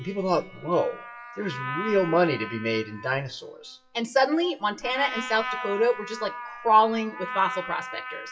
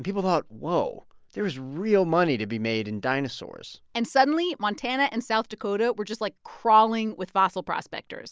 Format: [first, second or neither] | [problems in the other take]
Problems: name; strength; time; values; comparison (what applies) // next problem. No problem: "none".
second | noise reduction (classical method WPE with log-MMSE)